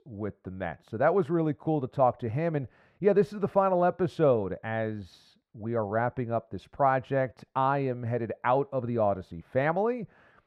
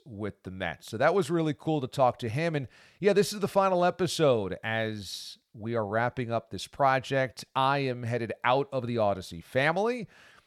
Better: second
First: muffled; very; fading above 2.5 kHz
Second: none

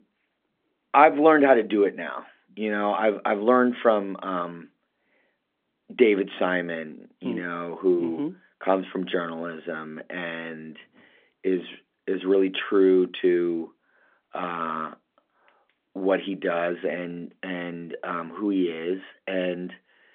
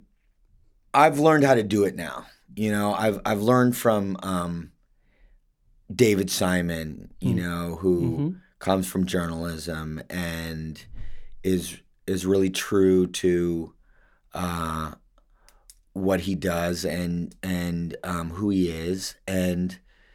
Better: second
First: phone-call audio; nothing above 3.5 kHz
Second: none

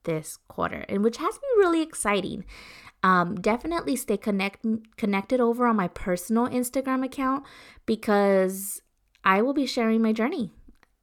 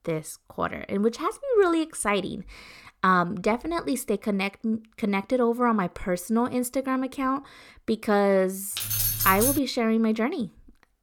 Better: first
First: none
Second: jangling keys; loud; at 9 s; peak 3 dB above the speech

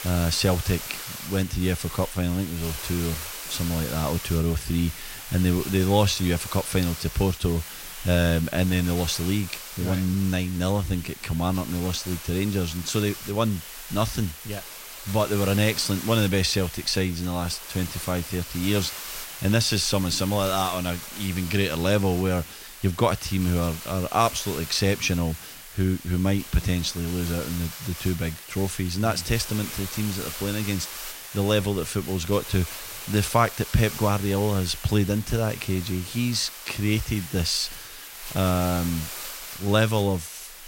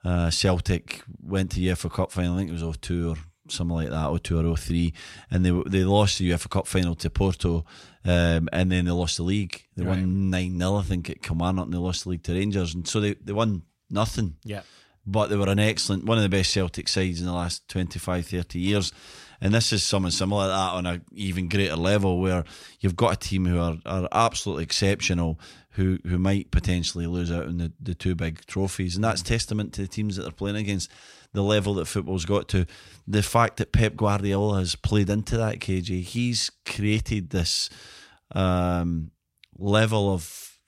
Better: second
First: hiss; loud; throughout; 10 dB below the speech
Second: none

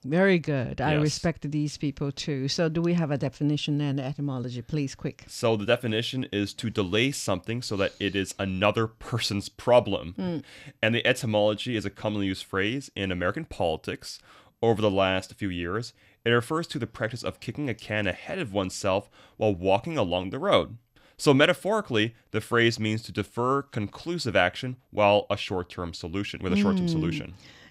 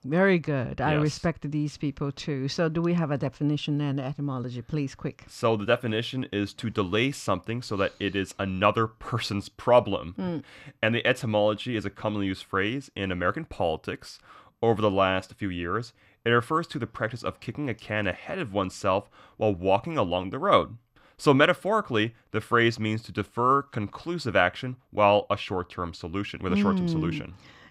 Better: first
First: none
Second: muffled; very slightly; fading above 3.5 kHz

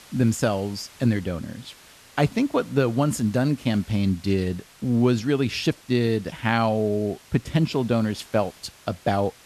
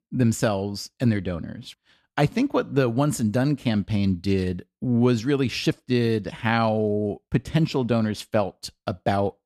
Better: second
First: hiss; faint; throughout; 25 dB below the speech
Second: none

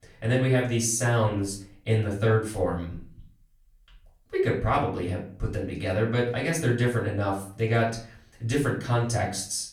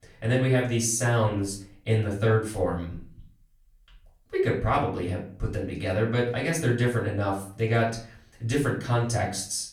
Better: neither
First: off-mic speech; far // room echo; slight; dies away in 0.4 s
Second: off-mic speech; far // room echo; slight; dies away in 0.4 s

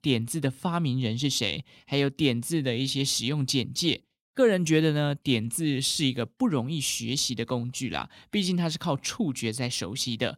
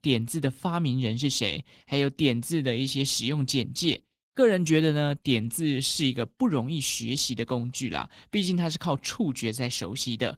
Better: first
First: none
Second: garbled, watery; slightly; nothing above 16 kHz

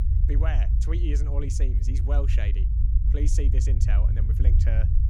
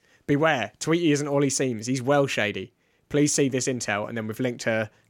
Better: second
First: low rumble; loud; throughout; 3 dB below the speech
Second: none

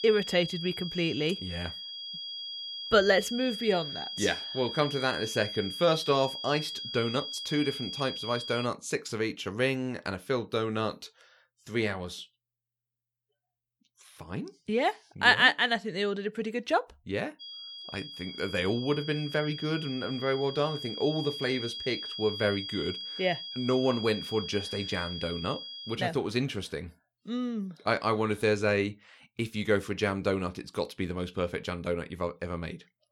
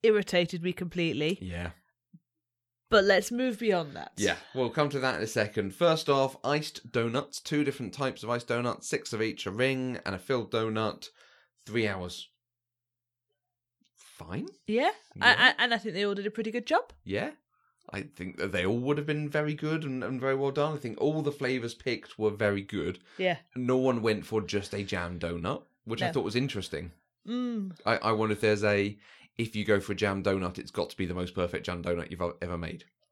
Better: second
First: high-pitched whine; loud; until 8.5 s and from 17 to 26 s; 3.5 kHz, 7 dB below the speech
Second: none

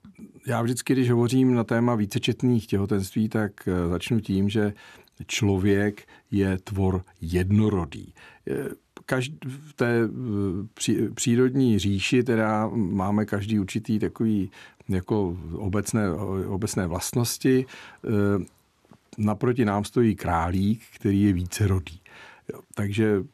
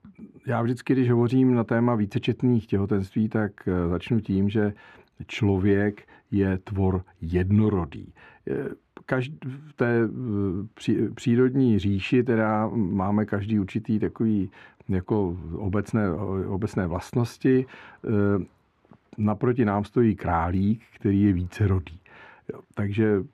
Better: first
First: none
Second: muffled; slightly; fading above 4 kHz

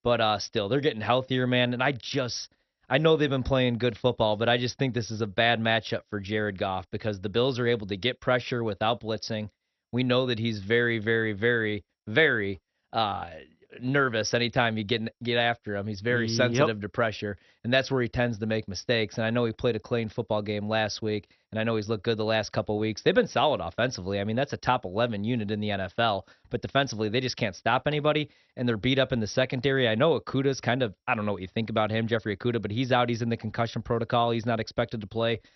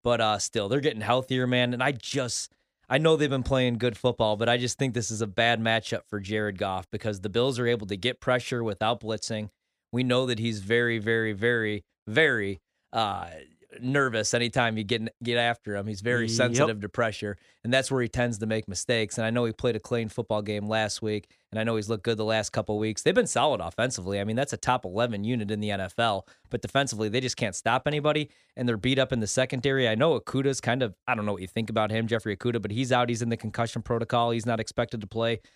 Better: second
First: garbled, watery; slightly; nothing above 6 kHz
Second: none

